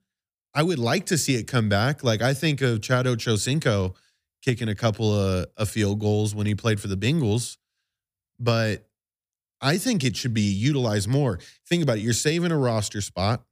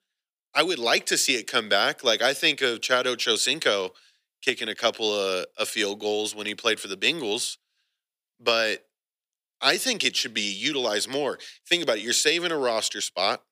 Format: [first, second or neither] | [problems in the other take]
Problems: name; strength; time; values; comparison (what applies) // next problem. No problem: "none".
first | thin; very; fading below 350 Hz